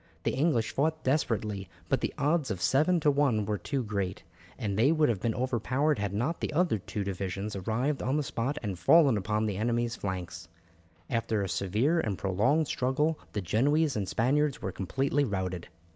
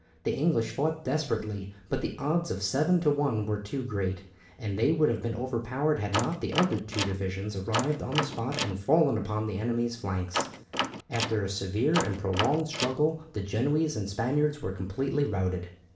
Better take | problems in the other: first | background sound (Door); 6 dB below the speech // room echo; dies away in 0.5 s

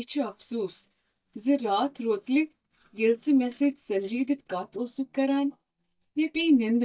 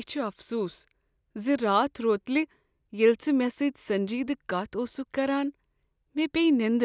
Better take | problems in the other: second | noise reduction (neural mask model DeepFilterNet 3)

